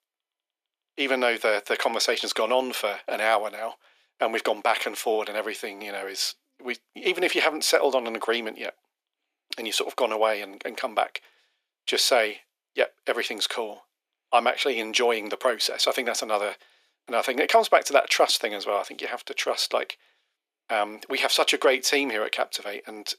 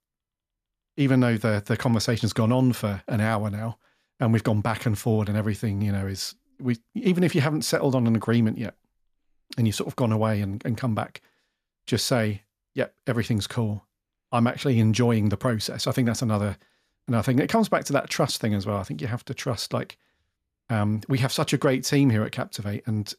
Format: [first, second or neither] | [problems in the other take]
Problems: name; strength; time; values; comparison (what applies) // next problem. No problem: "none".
second | thin; very; fading below 350 Hz